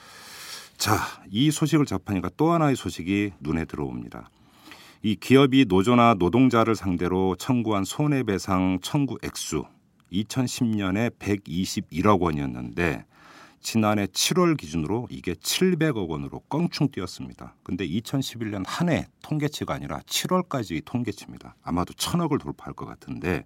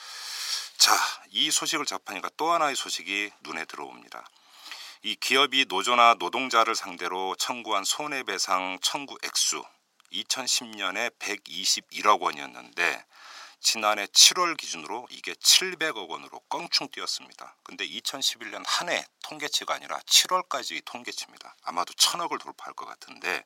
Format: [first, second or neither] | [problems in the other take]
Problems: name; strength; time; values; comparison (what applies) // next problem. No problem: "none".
first | thin; very; fading below 800 Hz